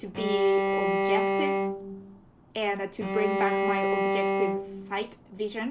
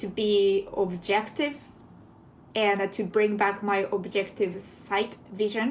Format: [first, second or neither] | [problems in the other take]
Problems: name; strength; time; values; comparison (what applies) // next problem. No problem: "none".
second | background sound (Bowed string instrument); 3 dB above the speech